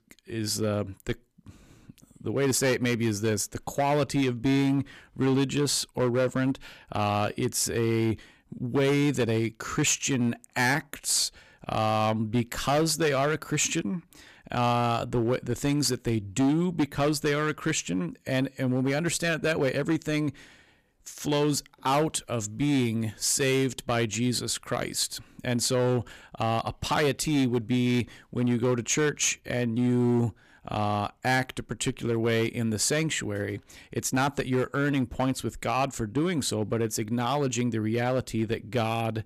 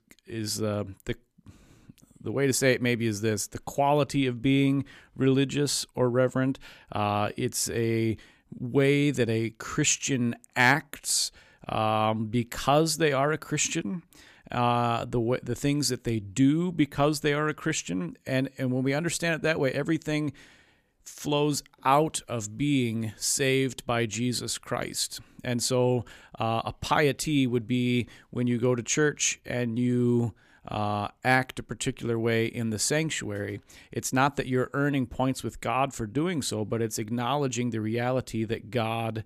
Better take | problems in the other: second | distortion; slight; 7% of the sound clipped

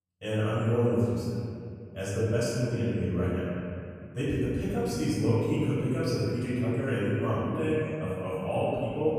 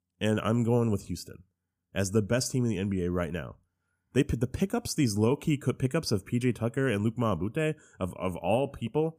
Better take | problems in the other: second | room echo; strong; dies away in 2.4 s // off-mic speech; far

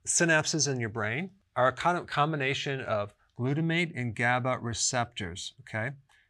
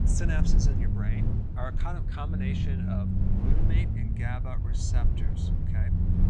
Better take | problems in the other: first | low rumble; loud; throughout; as loud as the speech

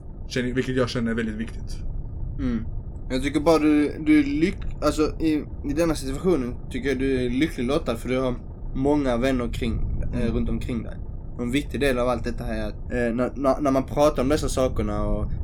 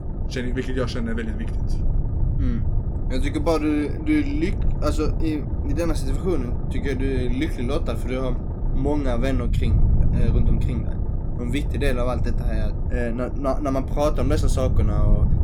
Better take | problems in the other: first | low rumble; loud; throughout; 10 dB below the speech; faint in the first

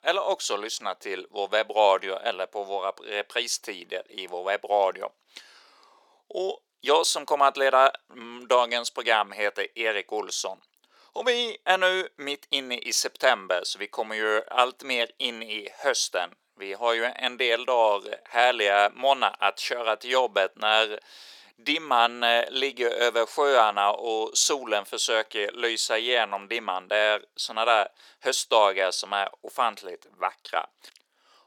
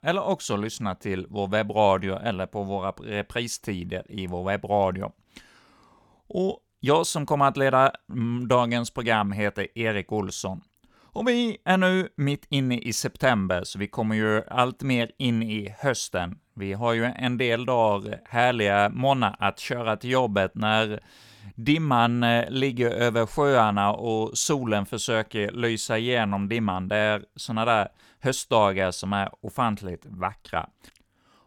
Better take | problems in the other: second | thin; very; fading below 400 Hz

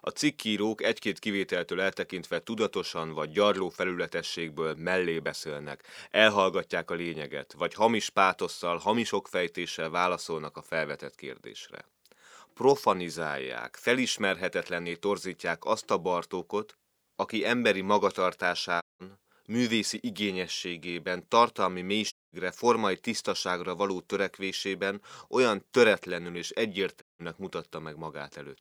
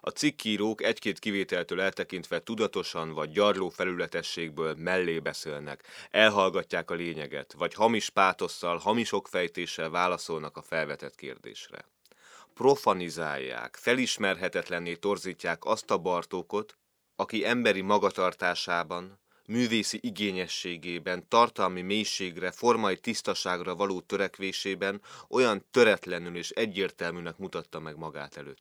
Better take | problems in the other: second | audio cutting out; at 19 s, at 22 s and at 27 s

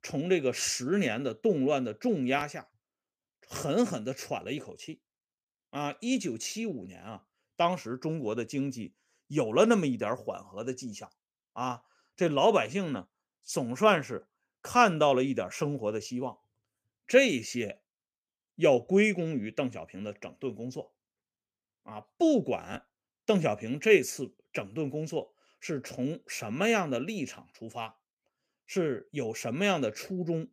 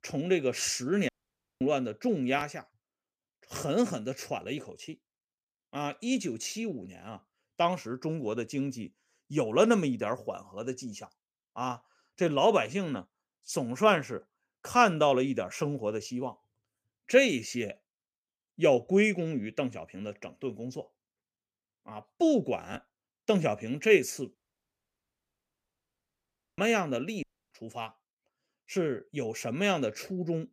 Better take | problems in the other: first | audio cutting out; at 1 s for 0.5 s, at 24 s for 2 s and at 27 s

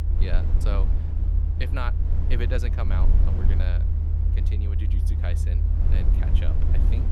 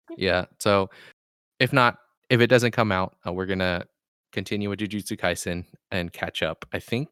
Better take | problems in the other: second | low rumble; loud; throughout; 3 dB below the speech

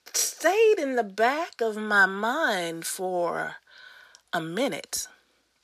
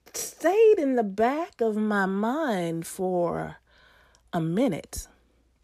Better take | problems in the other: second | thin; somewhat; fading below 950 Hz

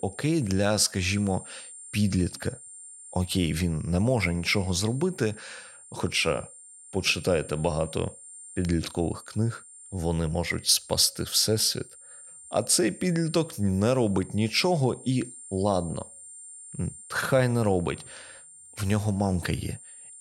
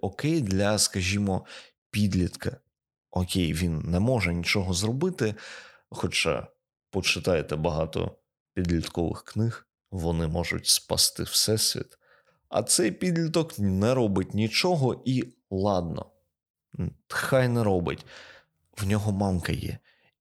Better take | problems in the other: second | high-pitched whine; noticeable; throughout; 9 kHz, 20 dB below the speech

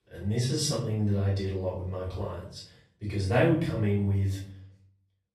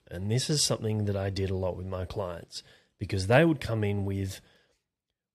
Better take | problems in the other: second | off-mic speech; far // room echo; noticeable; dies away in 0.5 s

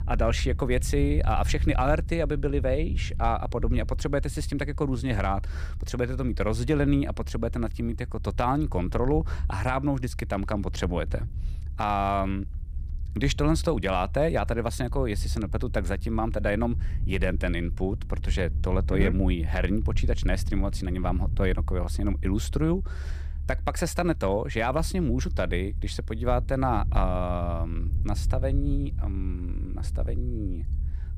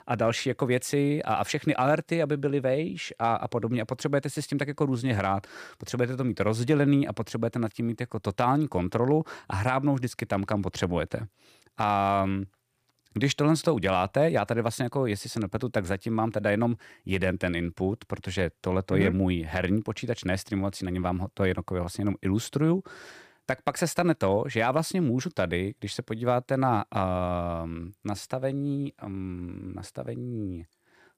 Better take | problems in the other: second | low rumble; faint; throughout; 20 dB below the speech

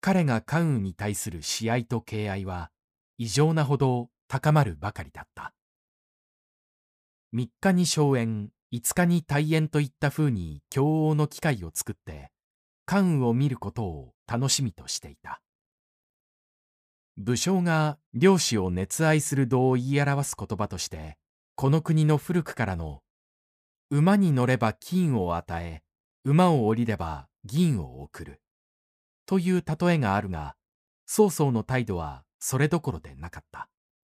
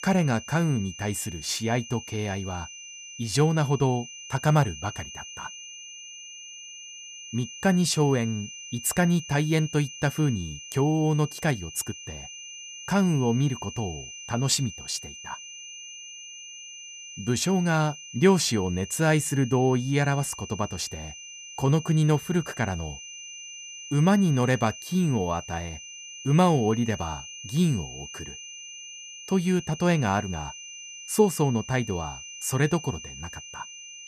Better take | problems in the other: first | high-pitched whine; noticeable; throughout; 3 kHz, 15 dB below the speech

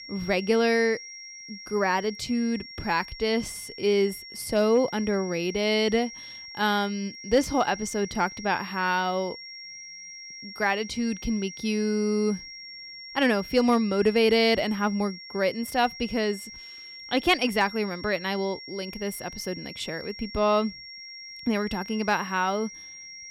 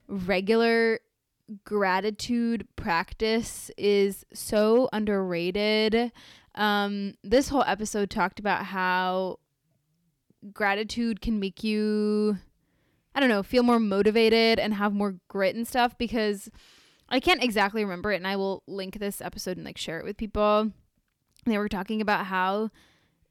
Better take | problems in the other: second | high-pitched whine; noticeable; throughout; 5.5 kHz, 15 dB below the speech

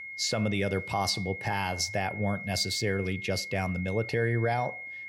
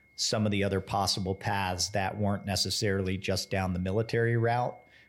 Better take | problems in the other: second | high-pitched whine; loud; throughout; 2 kHz, 8 dB below the speech; faint in the second

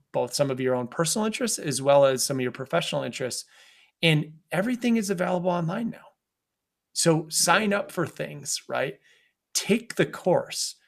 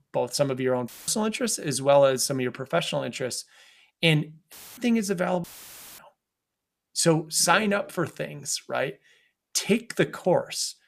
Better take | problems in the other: first | audio cutting out; filled with static; at 1 s, at 4.5 s and at 5.5 s for 0.5 s

